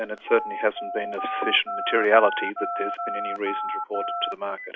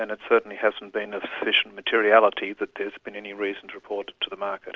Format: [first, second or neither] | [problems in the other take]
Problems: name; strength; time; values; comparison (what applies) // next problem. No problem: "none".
second | noise reduction (classical method log-MMSE)